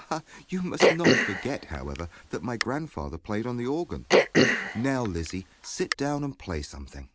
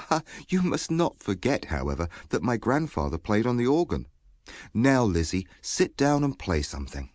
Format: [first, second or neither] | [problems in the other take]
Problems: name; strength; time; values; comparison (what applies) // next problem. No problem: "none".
second | background sound (Cough); 5 dB above the speech